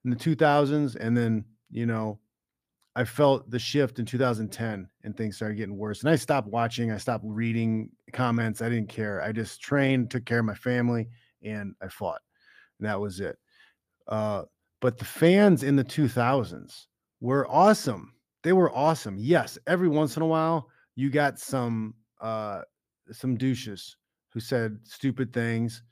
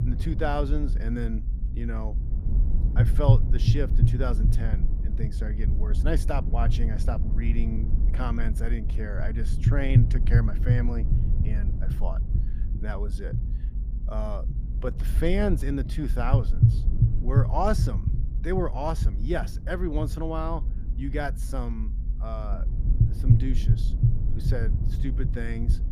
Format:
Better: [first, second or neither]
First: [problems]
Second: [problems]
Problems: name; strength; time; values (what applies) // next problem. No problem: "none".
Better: first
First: none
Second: low rumble; loud; throughout; 7 dB below the speech